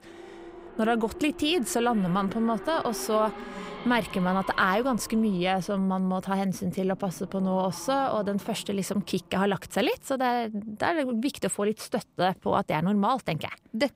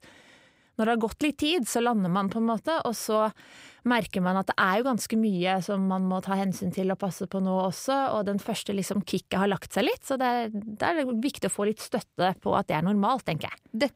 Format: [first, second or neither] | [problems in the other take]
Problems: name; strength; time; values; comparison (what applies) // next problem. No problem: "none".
second | traffic noise; noticeable; throughout; 15 dB below the speech